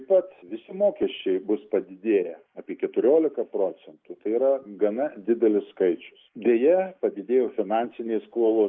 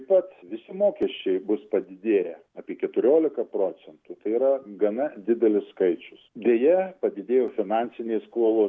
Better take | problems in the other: second | noise reduction (neural mask model Resemble Enhance denoiser)

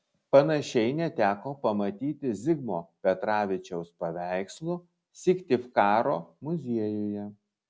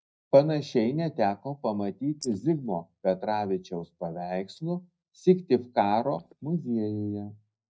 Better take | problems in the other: first | noise reduction (neural mask model DeepFilterNet 3)

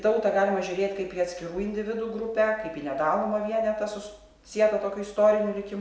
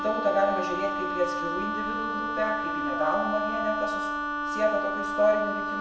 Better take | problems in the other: first | background sound (Wind instrument, woodwind instrument); 1 dB below the speech // room echo; dies away in 1 s

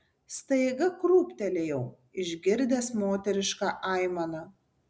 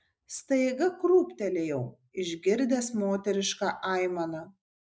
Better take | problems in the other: first | noise reduction (neural mask model Resemble Enhance denoiser)

